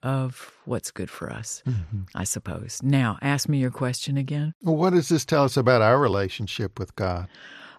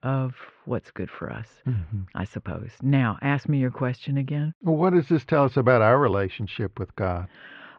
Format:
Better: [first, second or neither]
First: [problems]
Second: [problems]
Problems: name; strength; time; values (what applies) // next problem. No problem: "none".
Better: first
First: none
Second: muffled; very; fading above 3 kHz